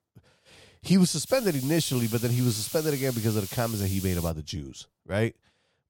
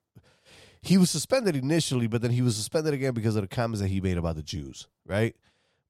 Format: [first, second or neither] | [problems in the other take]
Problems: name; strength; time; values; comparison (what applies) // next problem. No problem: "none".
second | hiss; loud; from 1.5 to 4.5 s; 9 dB below the speech